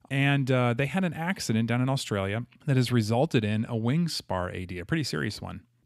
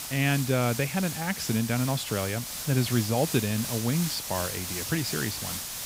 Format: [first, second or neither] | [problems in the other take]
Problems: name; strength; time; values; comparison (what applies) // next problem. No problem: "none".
first | hiss; loud; throughout; 5 dB below the speech